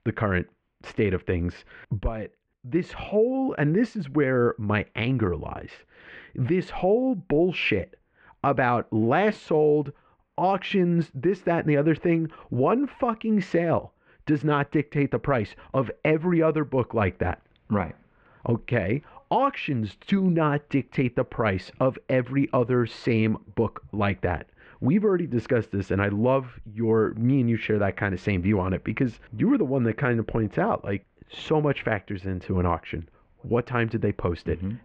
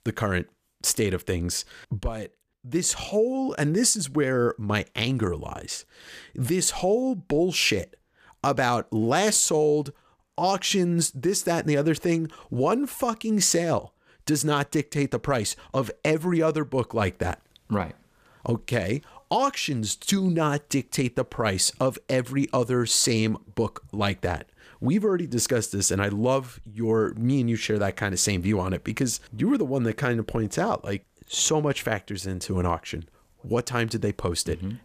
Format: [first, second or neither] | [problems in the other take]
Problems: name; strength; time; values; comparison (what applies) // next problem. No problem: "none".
second | muffled; very; fading above 2.5 kHz